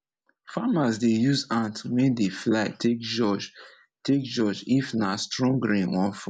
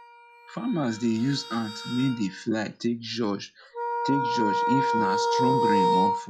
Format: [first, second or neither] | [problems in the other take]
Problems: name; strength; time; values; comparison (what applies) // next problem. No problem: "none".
first | noise reduction (classical method log-MMSE)